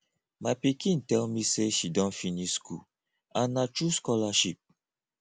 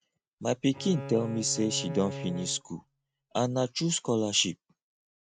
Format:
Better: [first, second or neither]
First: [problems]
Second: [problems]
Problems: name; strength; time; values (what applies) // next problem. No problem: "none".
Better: first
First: none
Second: noise reduction (neural mask model RNNoise)